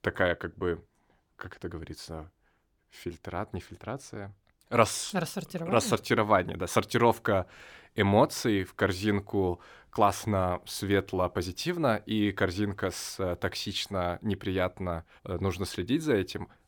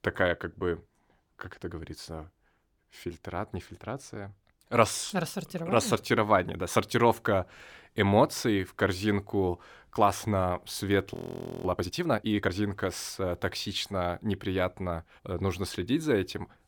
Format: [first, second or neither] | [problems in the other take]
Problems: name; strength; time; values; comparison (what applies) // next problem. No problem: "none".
first | audio freezing; at 11 s for 0.5 s